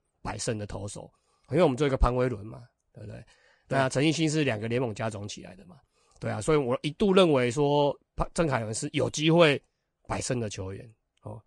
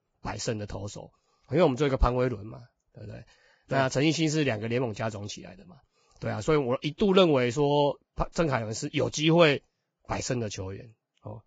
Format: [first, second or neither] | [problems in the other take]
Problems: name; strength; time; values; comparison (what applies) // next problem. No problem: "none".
first | garbled, watery; badly; nothing above 7.5 kHz; slightly in the first